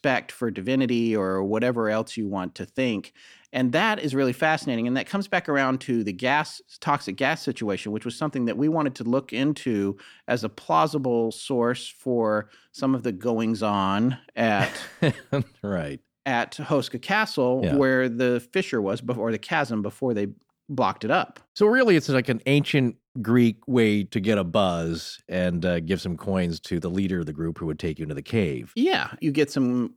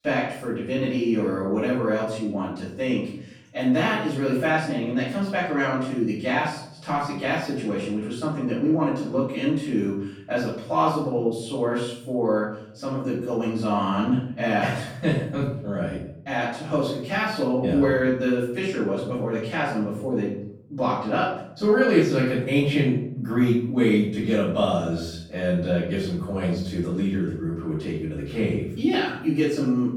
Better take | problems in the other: first | off-mic speech; far // room echo; noticeable; dies away in 0.7 s

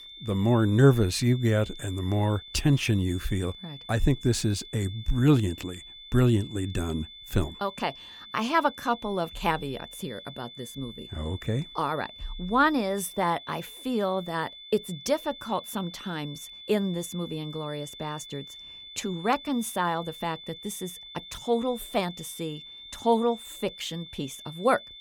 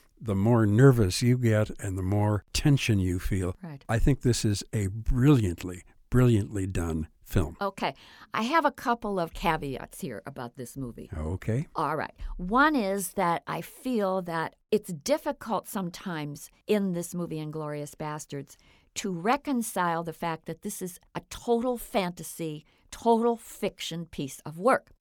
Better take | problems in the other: second | high-pitched whine; noticeable; throughout; 3.5 kHz, 15 dB below the speech

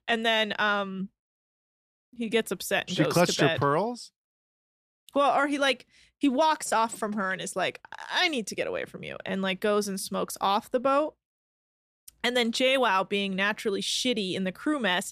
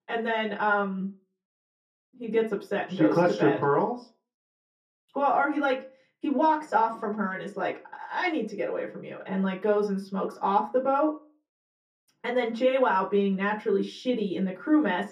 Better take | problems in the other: first | room echo; slight; dies away in 0.3 s // off-mic speech; far

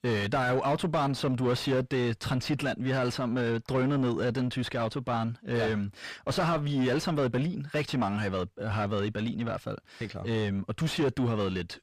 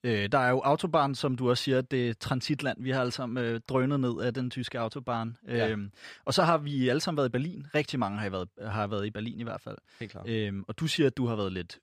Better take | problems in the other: second | distortion; heavy; 7 dB below the speech

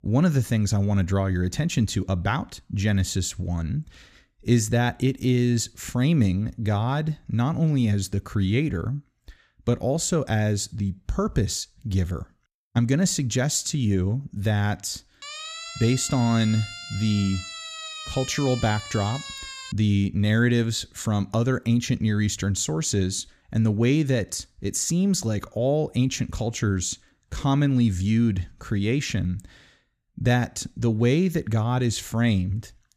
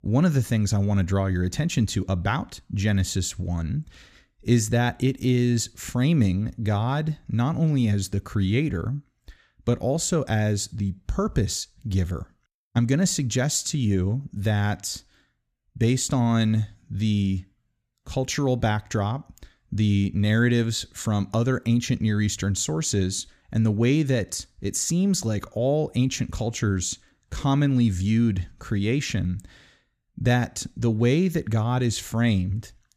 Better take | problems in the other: second | siren; noticeable; from 15 to 20 s; peak 9 dB below the speech

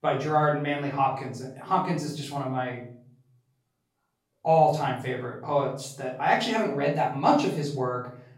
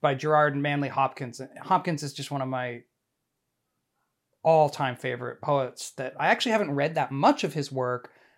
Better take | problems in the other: second | off-mic speech; far // room echo; noticeable; dies away in 0.5 s

